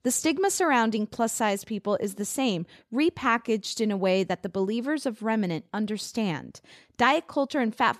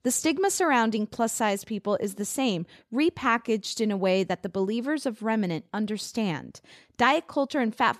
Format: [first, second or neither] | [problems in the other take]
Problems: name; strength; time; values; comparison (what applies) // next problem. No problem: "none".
neither | none